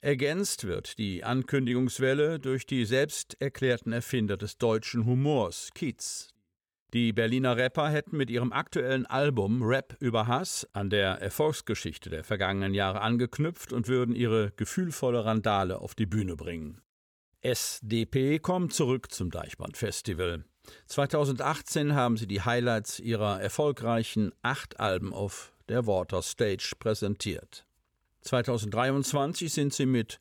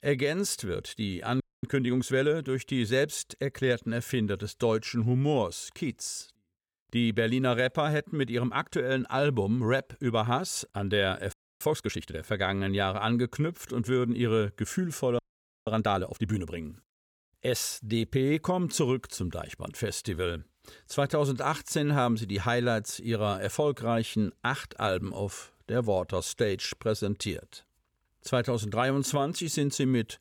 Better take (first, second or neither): first